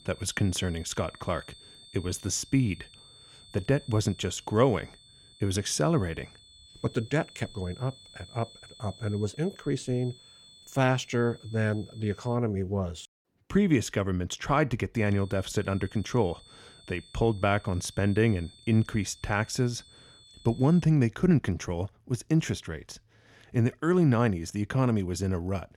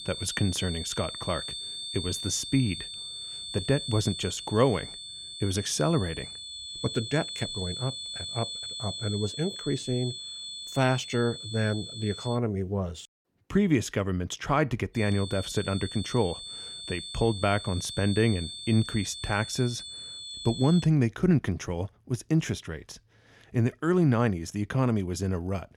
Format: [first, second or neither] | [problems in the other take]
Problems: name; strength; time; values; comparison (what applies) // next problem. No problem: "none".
first | high-pitched whine; loud; until 12 s and from 15 to 21 s; 3.5 kHz, 8 dB below the speech; faint in the first